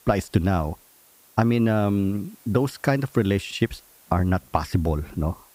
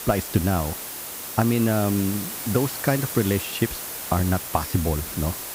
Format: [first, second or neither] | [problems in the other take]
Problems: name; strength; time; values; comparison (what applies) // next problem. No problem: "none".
first | hiss; loud; throughout; 6 dB below the speech; faint in the first